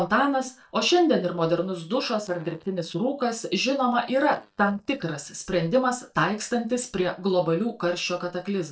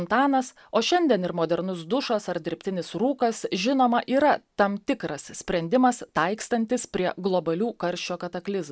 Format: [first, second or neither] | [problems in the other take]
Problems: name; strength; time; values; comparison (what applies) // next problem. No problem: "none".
second | noise reduction (neural mask model DeepFilterNet 3)